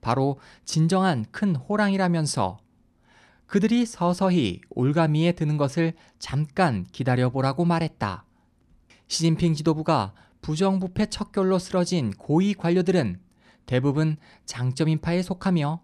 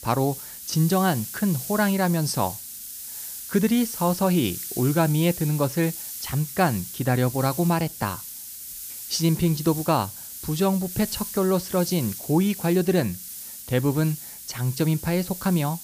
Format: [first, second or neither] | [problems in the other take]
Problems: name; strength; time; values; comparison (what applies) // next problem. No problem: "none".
first | hiss; loud; throughout; 9 dB below the speech